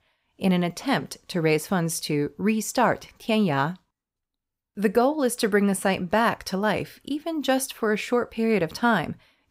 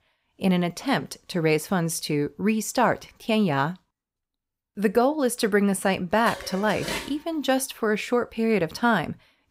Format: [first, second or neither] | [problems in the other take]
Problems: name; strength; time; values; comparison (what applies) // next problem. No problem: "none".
first | clattering dishes; noticeable; at 6.5 s; peak 6 dB below the speech